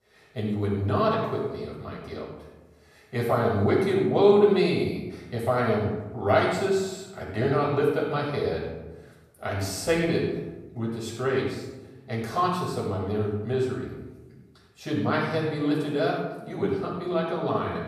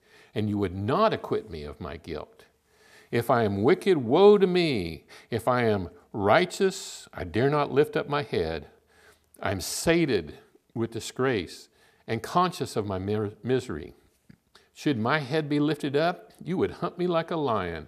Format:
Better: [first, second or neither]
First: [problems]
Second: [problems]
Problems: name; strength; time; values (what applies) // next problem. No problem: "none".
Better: second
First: off-mic speech; far // room echo; noticeable; dies away in 0.9 s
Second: none